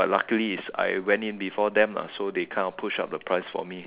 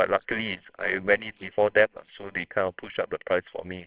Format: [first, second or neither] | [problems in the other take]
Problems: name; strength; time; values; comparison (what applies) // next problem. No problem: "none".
first | noise reduction (neural separator model SepFormer WHAMR!)